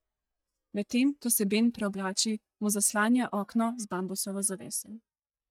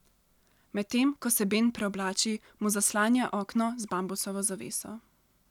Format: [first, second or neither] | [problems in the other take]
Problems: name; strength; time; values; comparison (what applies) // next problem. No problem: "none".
second | noise reduction (neural mask model DeepFilterNet 3)